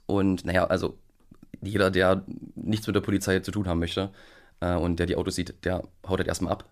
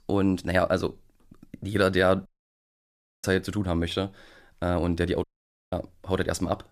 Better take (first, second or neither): first